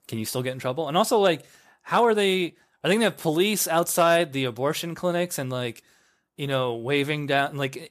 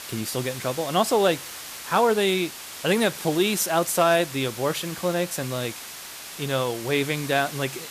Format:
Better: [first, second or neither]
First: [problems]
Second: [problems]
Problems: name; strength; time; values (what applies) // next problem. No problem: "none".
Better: first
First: none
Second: hiss; noticeable; throughout; 10 dB below the speech